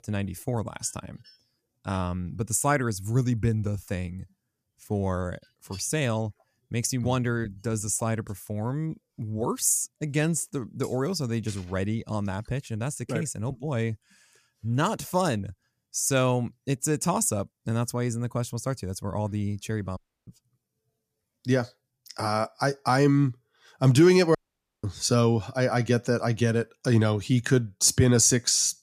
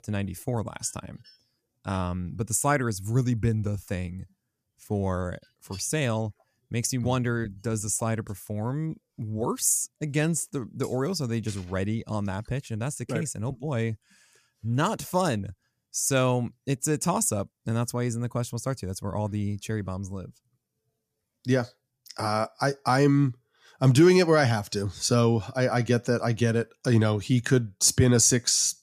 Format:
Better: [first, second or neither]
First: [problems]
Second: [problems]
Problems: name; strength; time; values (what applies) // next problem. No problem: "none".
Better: second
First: audio cutting out; at 20 s and at 24 s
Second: none